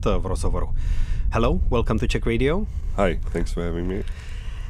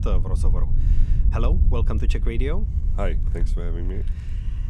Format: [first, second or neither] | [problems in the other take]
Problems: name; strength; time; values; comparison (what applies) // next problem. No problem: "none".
first | low rumble; loud; throughout; 8 dB below the speech; faint in the first